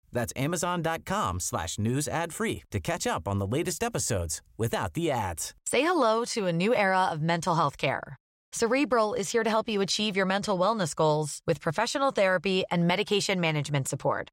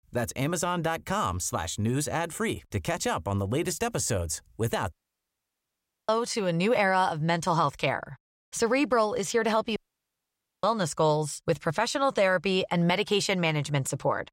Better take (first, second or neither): first